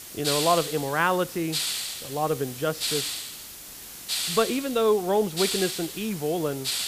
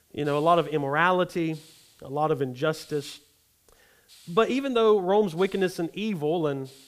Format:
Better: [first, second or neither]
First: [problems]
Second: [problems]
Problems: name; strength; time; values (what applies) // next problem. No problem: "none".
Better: second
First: hiss; loud; throughout; 4 dB below the speech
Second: hiss; faint; throughout; 30 dB below the speech